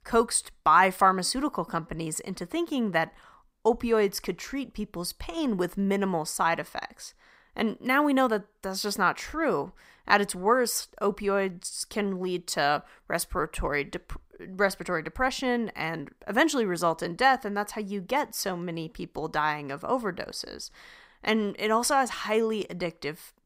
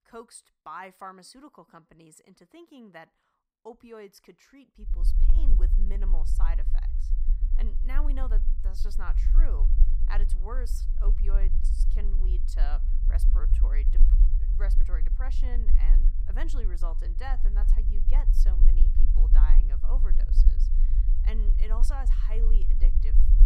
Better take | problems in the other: first | low rumble; loud; from 5 s on; 7 dB below the speech

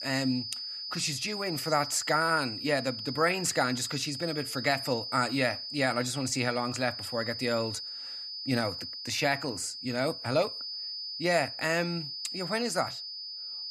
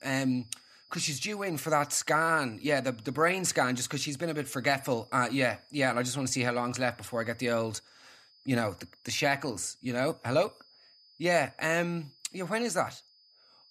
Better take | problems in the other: second | high-pitched whine; loud; throughout; 5 kHz, 6 dB below the speech; faint in the second

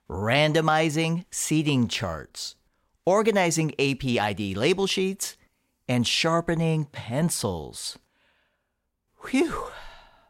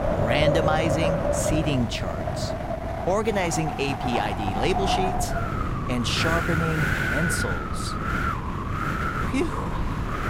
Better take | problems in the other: first | wind in the background; very loud; throughout; 1 dB above the speech

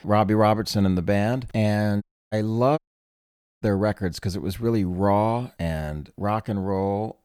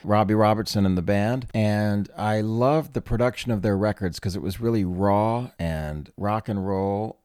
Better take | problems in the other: second | audio cutting out; at 2 s and at 3 s for 1 s

